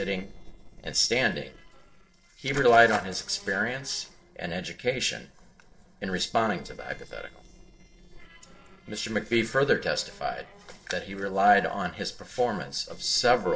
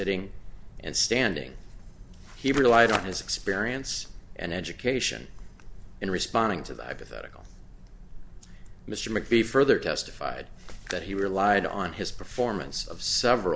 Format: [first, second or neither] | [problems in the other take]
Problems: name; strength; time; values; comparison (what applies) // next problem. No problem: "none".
second | noise reduction (neural separator model SepFormer DNS4)